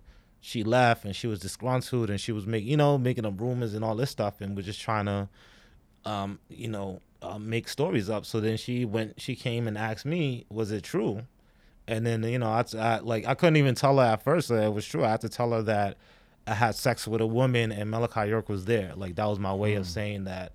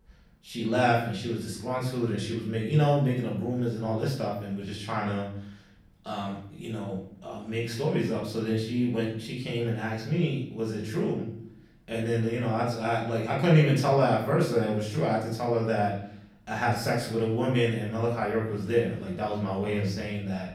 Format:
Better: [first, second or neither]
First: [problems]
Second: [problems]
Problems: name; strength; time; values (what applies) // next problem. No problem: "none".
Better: first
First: none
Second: off-mic speech; far // room echo; noticeable; dies away in 0.6 s